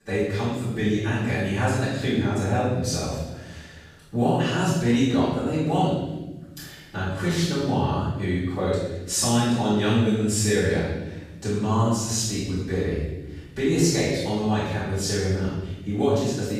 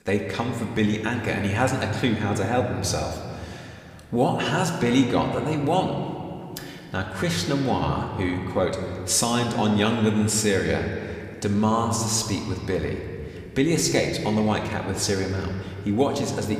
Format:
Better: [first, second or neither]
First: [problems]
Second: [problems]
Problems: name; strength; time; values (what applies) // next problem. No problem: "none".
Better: second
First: room echo; strong; dies away in 1.1 s // off-mic speech; far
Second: room echo; slight; dies away in 2.3 s